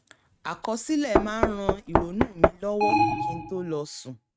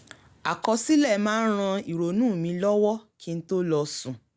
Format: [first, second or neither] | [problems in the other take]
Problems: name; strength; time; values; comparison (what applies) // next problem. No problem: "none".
second | noise reduction (neural mask model RNNoise)